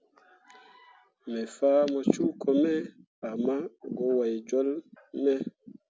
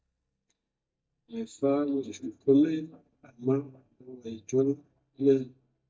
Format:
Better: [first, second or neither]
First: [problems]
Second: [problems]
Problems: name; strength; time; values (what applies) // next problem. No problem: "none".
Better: first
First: none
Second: noise reduction (neural mask model DeepFilterNet 3)